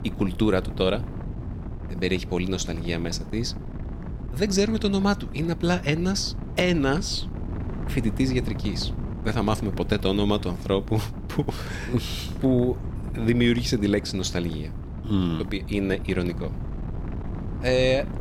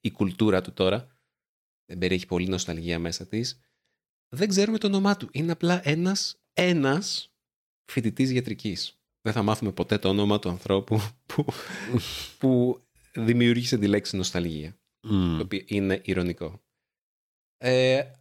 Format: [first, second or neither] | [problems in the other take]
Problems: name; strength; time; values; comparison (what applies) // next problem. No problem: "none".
second | wind noise on the microphone; occasional gusts; 15 dB below the speech